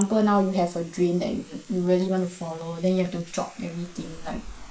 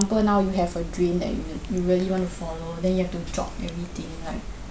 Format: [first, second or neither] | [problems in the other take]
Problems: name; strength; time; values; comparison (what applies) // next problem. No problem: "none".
second | noise reduction (neural mask model Resemble Enhance denoiser)